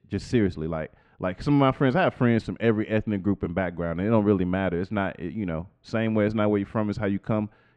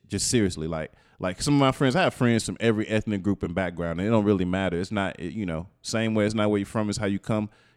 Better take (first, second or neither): second